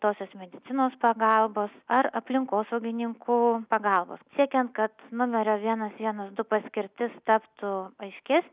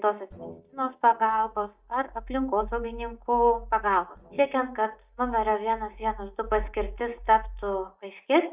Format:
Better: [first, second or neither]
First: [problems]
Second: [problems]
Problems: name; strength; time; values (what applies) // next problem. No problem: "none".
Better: first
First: none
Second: noise reduction (neural mask model DeepFilterNet 3)